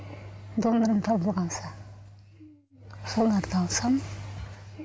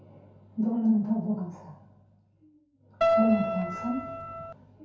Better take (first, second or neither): first